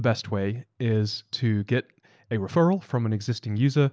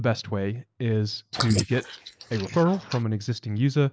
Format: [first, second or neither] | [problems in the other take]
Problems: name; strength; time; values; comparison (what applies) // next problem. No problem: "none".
first | noise reduction (neural mask model Resemble Enhance denoiser)